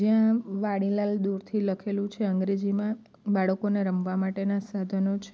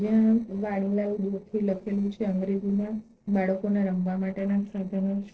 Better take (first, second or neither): first